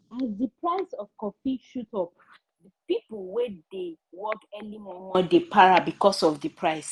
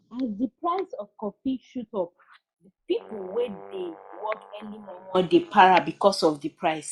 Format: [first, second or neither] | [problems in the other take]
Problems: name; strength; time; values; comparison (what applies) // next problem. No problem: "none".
first | noise reduction (classical method log-MMSE)